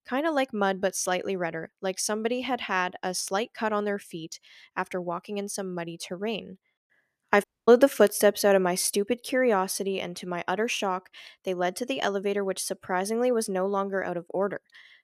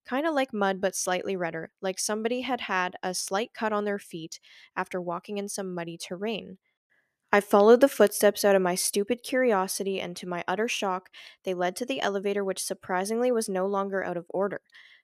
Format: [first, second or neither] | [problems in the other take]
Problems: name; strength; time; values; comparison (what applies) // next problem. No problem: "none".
second | audio cutting out; at 7.5 s